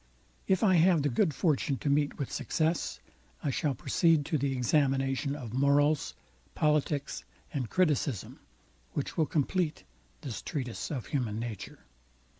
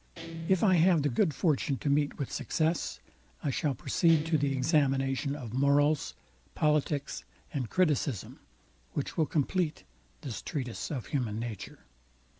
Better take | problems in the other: first | background sound (Guitar); 13 dB below the speech

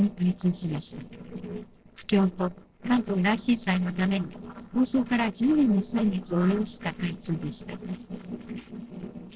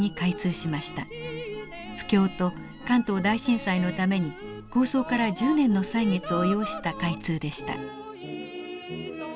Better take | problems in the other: second | noise reduction (neural separator model SepFormer DNS4)

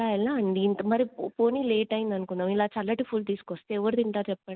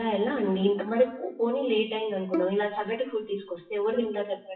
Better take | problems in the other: first | noise reduction (classical method WPE with log-MMSE)

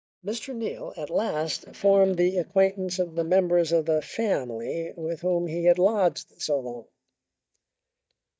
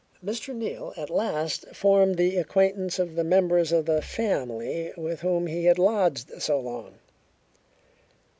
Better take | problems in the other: second | noise reduction (neural mask model DeepFilterNet 3)

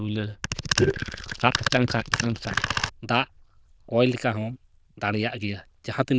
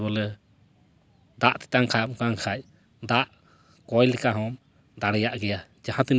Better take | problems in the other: second | noise reduction (neural diffusion model UNIVERSE++)

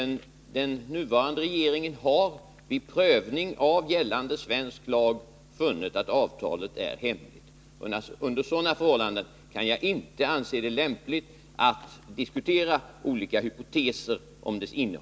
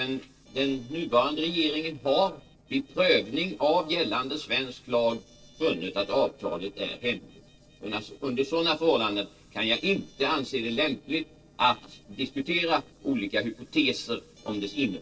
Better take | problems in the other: first | noise reduction (neural separator model SepFormer DNS4)

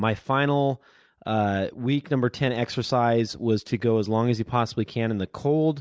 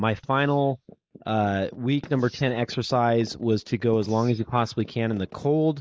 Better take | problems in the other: first | noise reduction (neural mask model Resemble Enhance denoiser)

